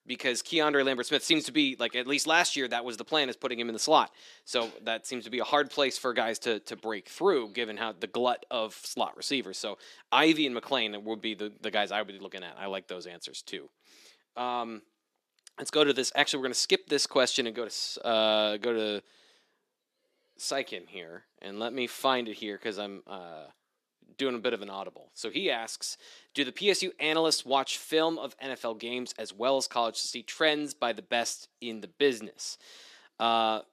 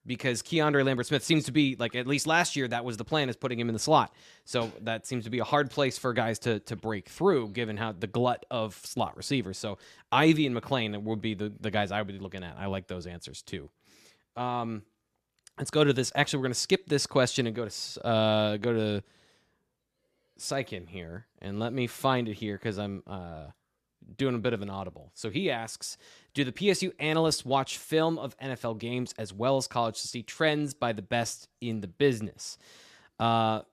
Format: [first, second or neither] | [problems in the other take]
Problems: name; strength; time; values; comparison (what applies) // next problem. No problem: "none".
second | thin; very slightly; fading below 300 Hz